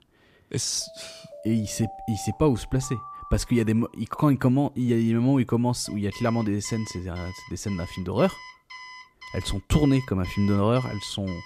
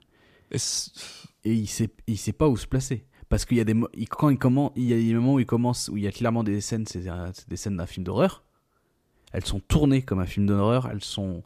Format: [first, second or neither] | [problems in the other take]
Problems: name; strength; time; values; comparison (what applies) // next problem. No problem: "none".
second | alarms or sirens; noticeable; throughout; 15 dB below the speech